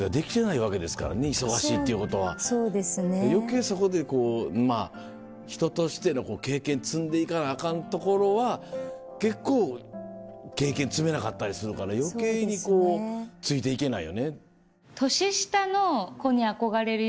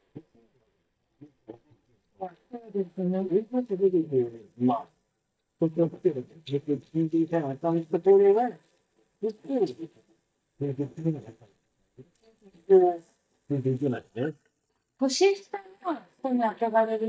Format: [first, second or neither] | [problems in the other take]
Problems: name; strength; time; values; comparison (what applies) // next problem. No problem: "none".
first | noise reduction (neural mask model DeepFilterNet 3)